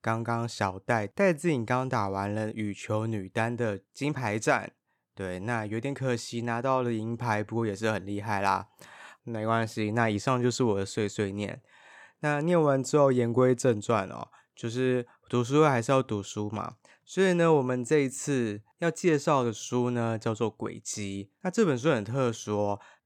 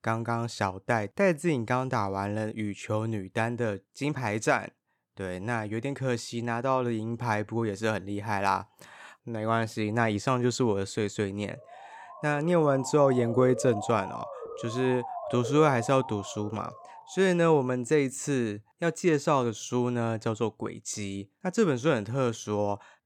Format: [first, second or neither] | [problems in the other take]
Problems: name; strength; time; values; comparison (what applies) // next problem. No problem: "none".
first | siren; noticeable; from 12 to 17 s; peak 7 dB below the speech